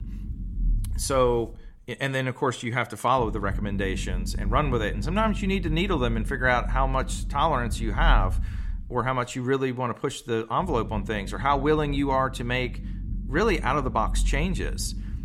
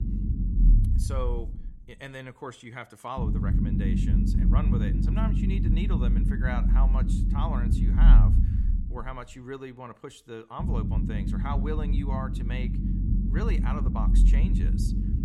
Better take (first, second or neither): first